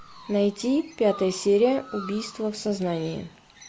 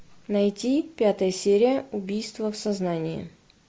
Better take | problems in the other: second | background sound (Chirp, tweet); 20 dB below the speech

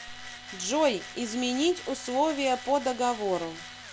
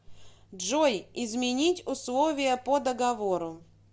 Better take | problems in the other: second | background sound (Tools); 14 dB below the speech

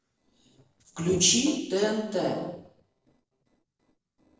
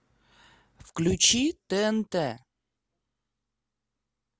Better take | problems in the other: second | noise reduction (neural separator model SepFormer DNS4)

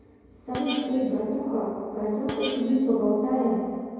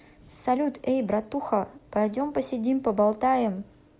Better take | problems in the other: second | background sound (Screech); 15 dB below the speech // room echo; dies away in 2.2 s

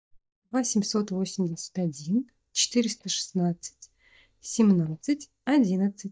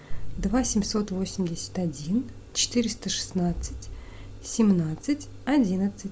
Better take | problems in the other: second | noise reduction (neural mask model DeepFilterNet 3)

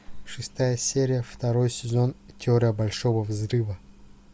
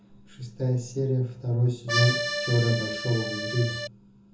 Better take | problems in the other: first | background sound (Accordion); 2 dB below the speech // room echo; dies away in 0.5 s

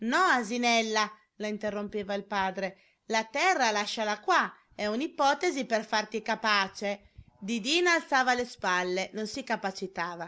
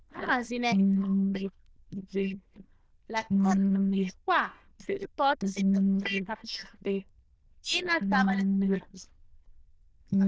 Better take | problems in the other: first | noise reduction (neural diffusion model UNIVERSE++)

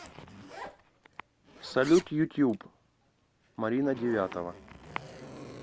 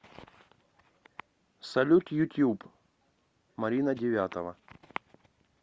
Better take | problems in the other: second | background sound (Zipper (clothing)); 16 dB below the speech

